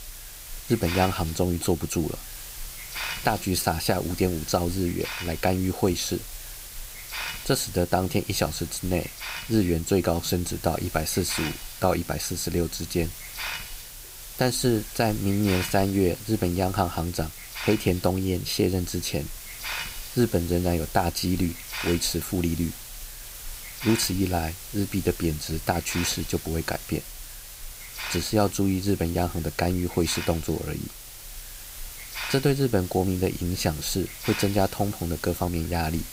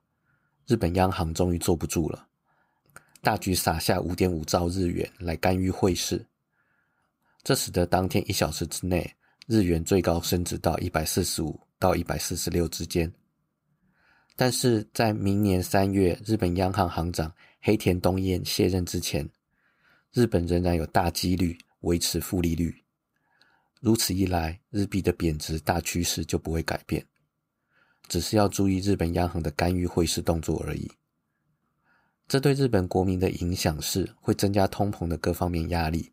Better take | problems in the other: second | hiss; loud; throughout; 10 dB below the speech

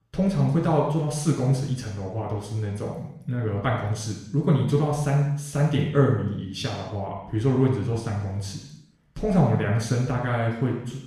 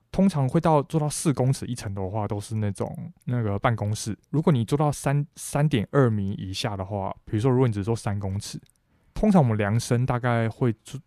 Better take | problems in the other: second | room echo; noticeable; dies away in 0.7 s // off-mic speech; far

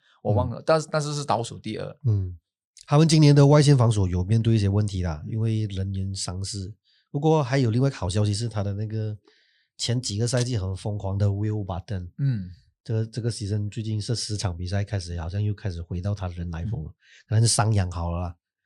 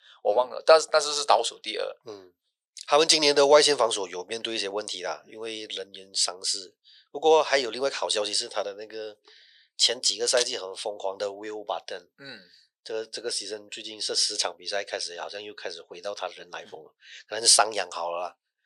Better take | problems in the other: first | thin; very; fading below 500 Hz

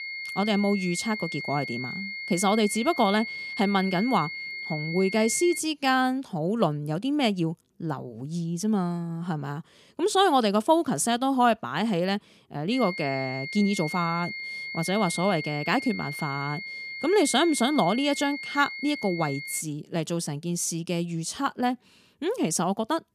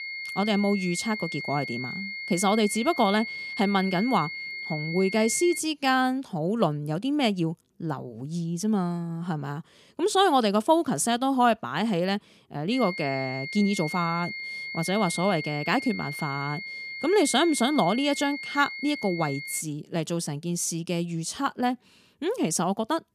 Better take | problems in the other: neither | high-pitched whine; loud; until 5.5 s and from 13 to 20 s; 2 kHz, 7 dB below the speech; the same in both

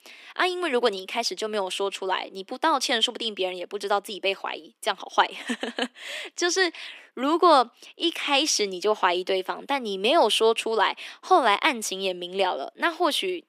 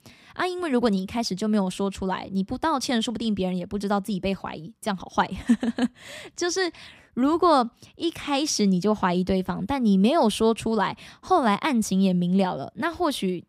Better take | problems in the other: second | thin; very; fading below 300 Hz

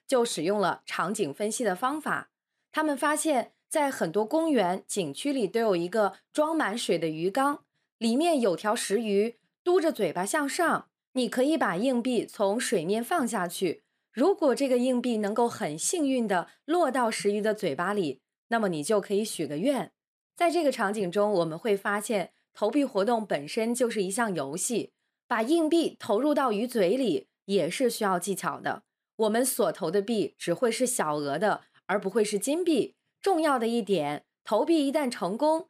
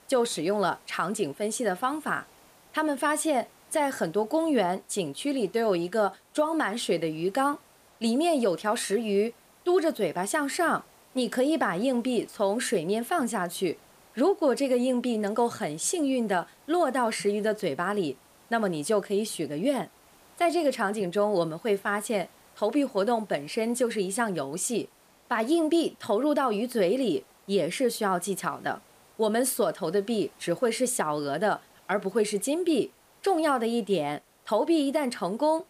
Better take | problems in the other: first | hiss; faint; throughout; 30 dB below the speech

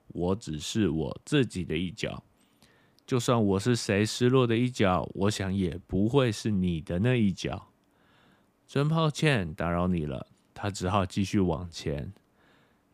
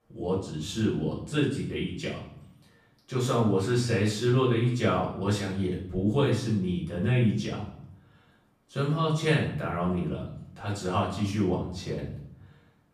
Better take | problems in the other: first | off-mic speech; far // room echo; noticeable; dies away in 0.6 s

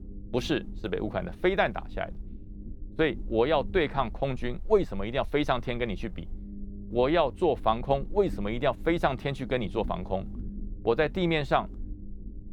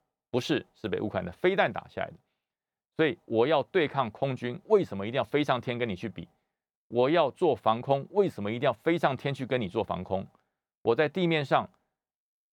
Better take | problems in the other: second | low rumble; faint; throughout; 25 dB below the speech

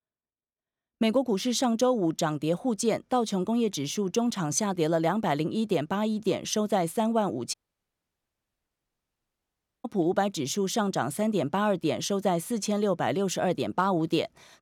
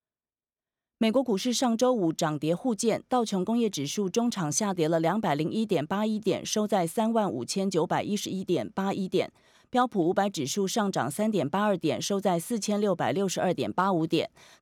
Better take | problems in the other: second | audio cutting out; at 7.5 s for 2.5 s

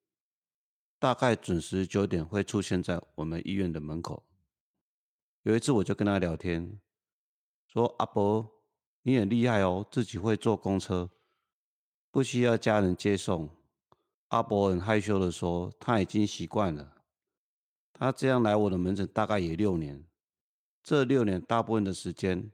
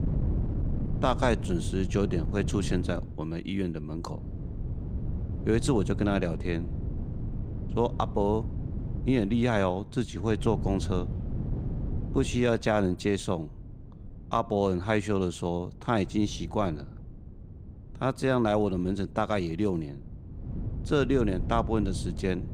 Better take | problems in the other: first | wind noise on the microphone; occasional gusts; 15 dB below the speech

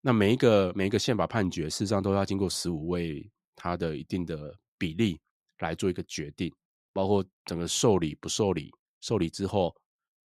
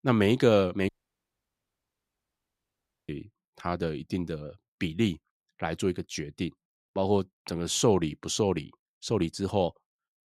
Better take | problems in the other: first | audio cutting out; at 1 s for 2 s

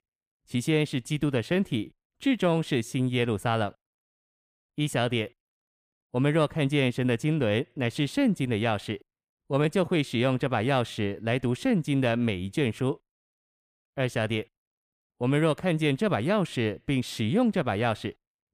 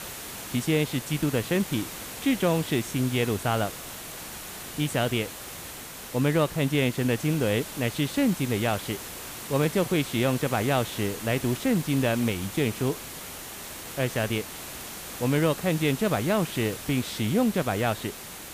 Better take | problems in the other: first | hiss; loud; throughout; 10 dB below the speech

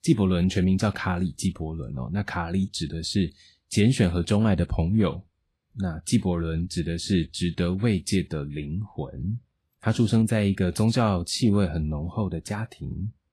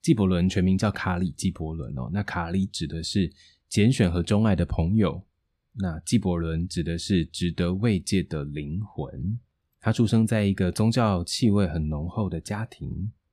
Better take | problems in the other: second | garbled, watery; slightly

